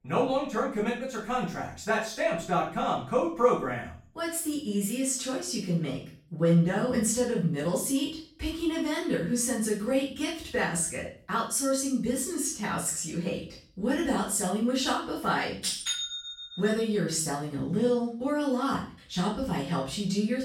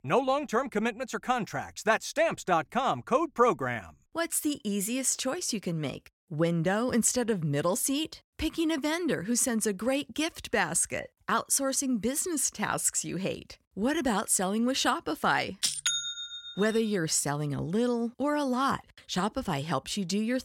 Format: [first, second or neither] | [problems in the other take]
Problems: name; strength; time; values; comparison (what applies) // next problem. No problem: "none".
second | off-mic speech; far // room echo; noticeable; dies away in 0.4 s